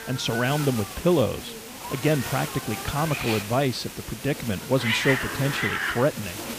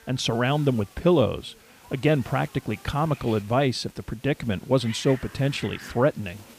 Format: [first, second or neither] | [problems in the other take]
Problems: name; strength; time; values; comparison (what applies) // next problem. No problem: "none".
second | hiss; loud; throughout; 4 dB below the speech; faint in the second